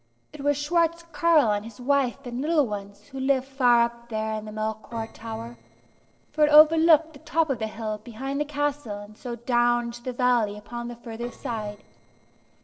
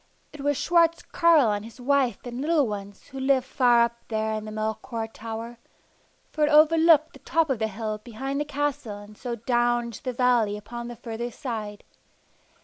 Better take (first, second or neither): second